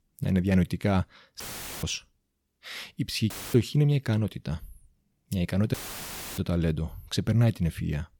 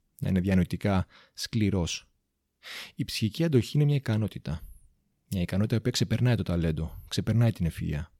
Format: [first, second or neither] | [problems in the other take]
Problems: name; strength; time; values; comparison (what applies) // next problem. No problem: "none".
second | audio cutting out; filled with static; at 1.5 s, at 3.5 s and at 5.5 s for 0.5 s